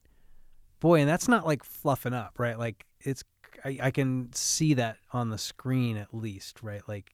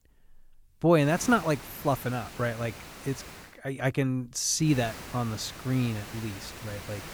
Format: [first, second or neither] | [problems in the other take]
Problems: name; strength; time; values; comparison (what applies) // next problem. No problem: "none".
first | hiss; noticeable; from 1 to 3.5 s and from 4.5 s on; 15 dB below the speech